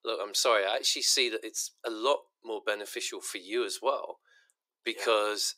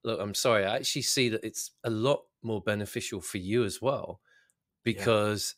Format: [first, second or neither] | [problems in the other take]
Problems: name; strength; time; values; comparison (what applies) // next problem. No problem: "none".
second | thin; very; fading below 350 Hz